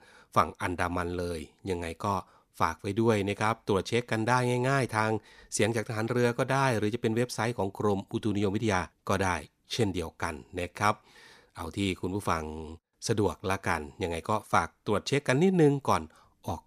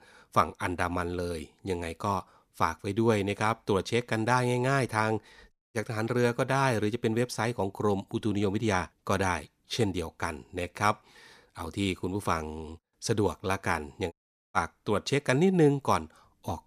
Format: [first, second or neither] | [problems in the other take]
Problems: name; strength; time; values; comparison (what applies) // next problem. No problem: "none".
first | audio cutting out; at 5.5 s and at 14 s